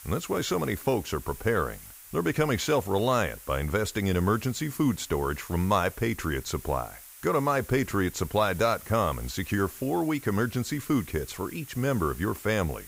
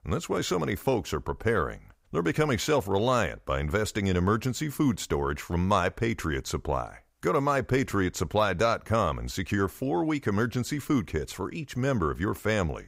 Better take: second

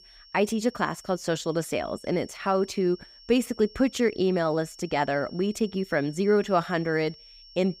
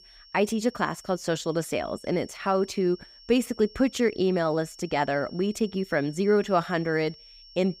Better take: neither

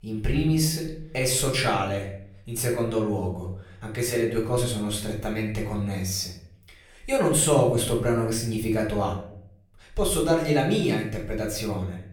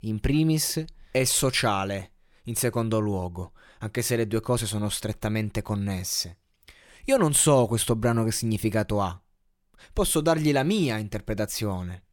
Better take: second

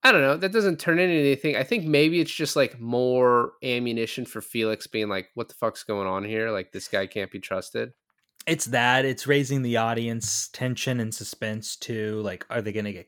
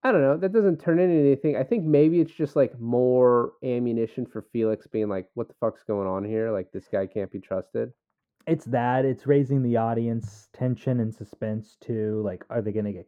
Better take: first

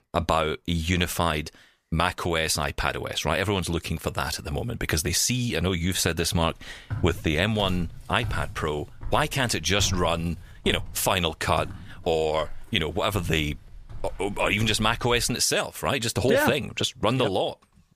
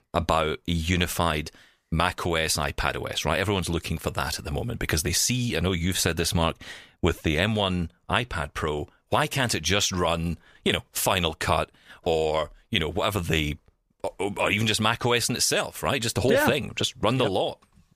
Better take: second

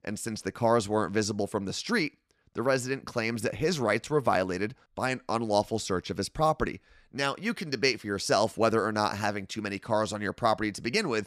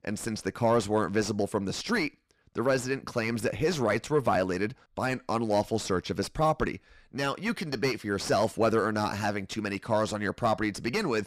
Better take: first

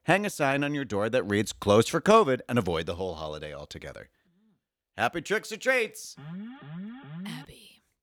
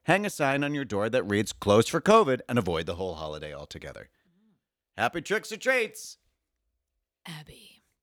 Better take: second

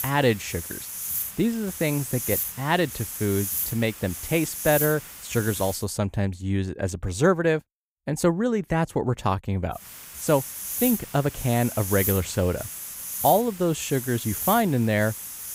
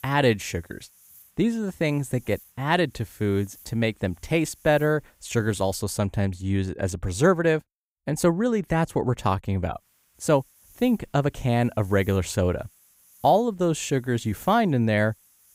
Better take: second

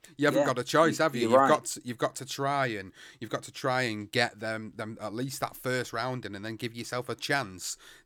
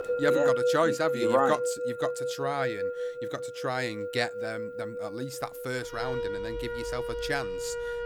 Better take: first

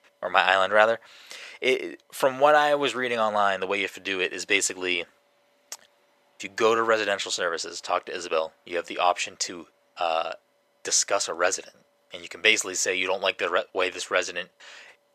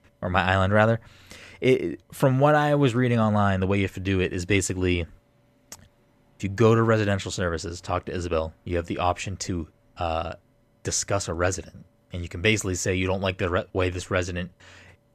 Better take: second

